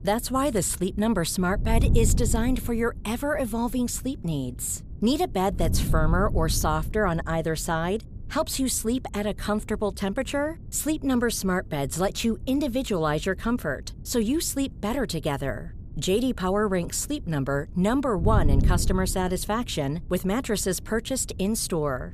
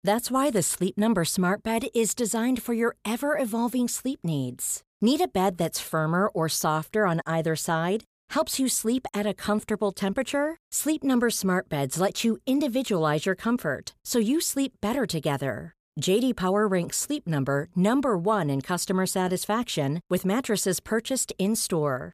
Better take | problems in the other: second | wind noise on the microphone; occasional gusts; 20 dB below the speech

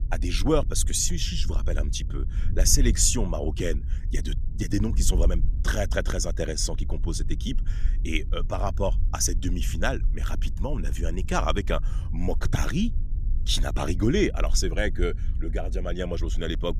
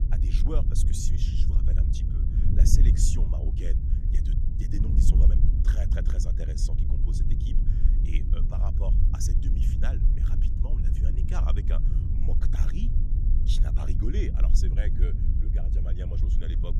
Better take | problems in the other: first | wind noise on the microphone; heavy; 2 dB below the speech; occasional gusts in the first

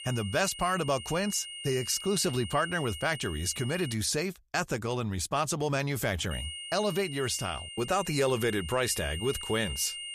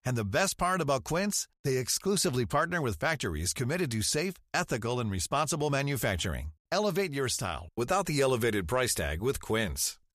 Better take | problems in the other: second | high-pitched whine; loud; until 4 s and from 6.5 s on; 3 kHz, 9 dB below the speech

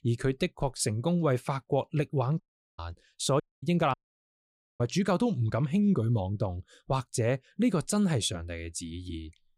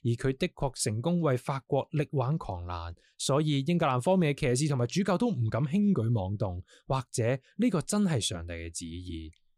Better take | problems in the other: second | audio cutting out; at 2.5 s, at 3.5 s and at 4 s for 1 s

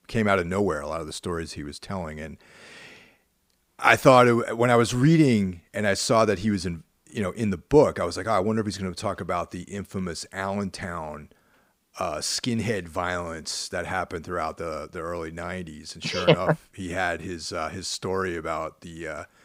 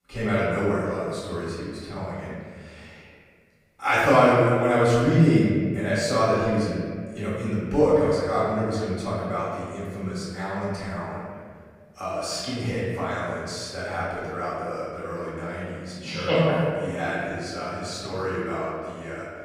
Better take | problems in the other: first | off-mic speech; far // room echo; strong; dies away in 1.8 s

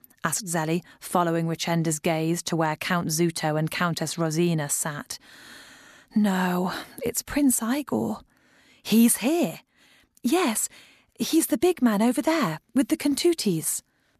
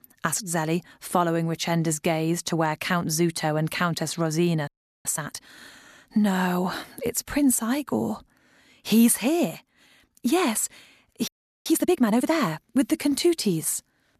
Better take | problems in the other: first | audio freezing; at 4.5 s and at 11 s

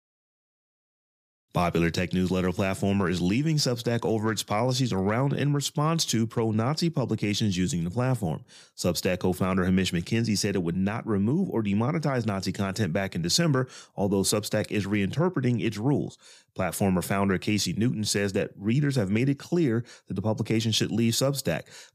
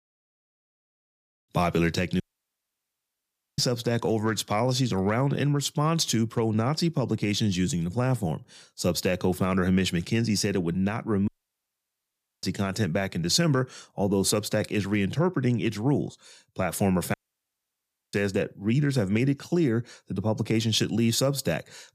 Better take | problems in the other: first | audio cutting out; at 2 s for 1.5 s, at 11 s for 1 s and at 17 s for 1 s

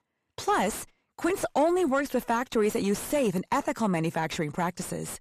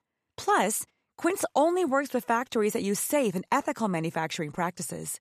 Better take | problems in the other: second | distortion; slight; 9 dB below the speech

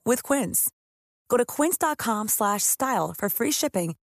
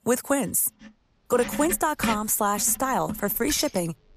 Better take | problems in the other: first | household noises; noticeable; throughout; 10 dB below the speech

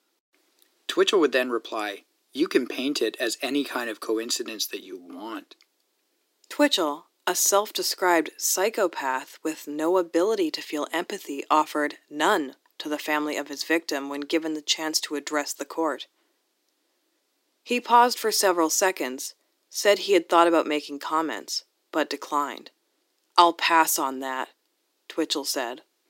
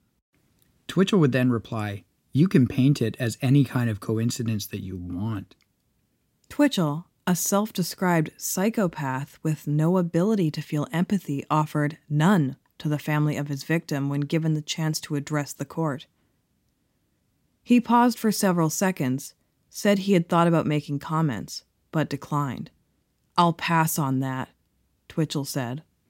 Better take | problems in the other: second | thin; very; fading below 350 Hz

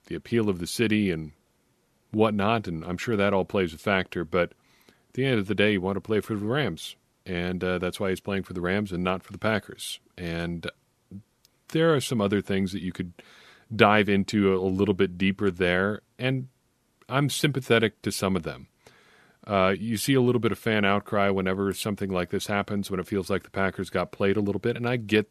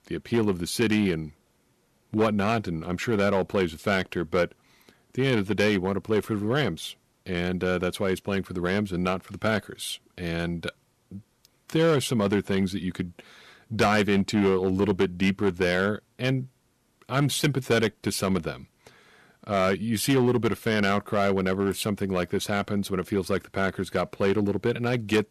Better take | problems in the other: first | distortion; slight; 4% of the sound clipped

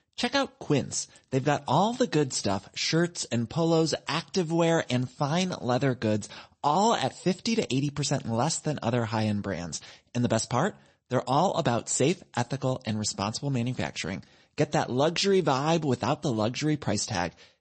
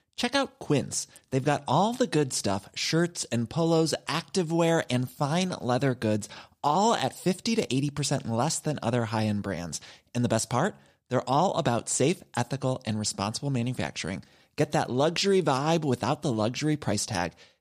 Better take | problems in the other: second | garbled, watery; slightly; nothing above 8 kHz

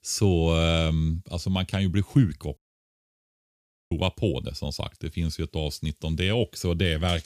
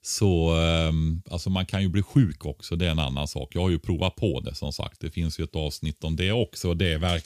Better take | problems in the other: second | audio cutting out; at 2.5 s for 1.5 s

